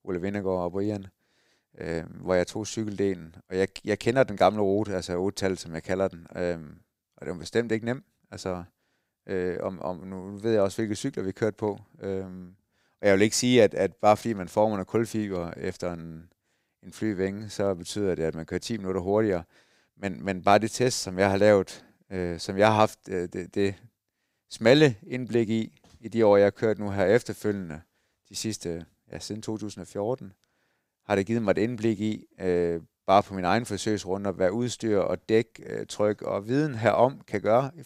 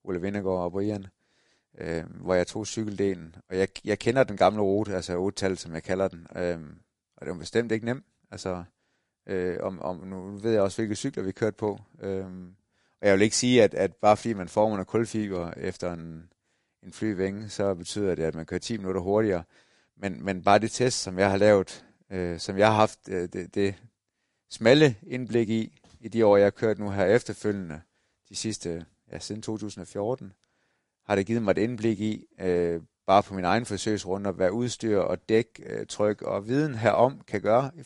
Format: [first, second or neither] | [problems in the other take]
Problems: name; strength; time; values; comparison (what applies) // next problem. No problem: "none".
first | garbled, watery; slightly; nothing above 10.5 kHz